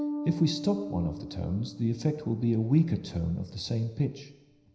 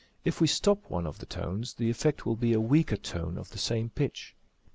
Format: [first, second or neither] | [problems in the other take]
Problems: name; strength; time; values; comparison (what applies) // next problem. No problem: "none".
second | background sound (Bass guitar); 11 dB below the speech // room echo; dies away in 0.9 s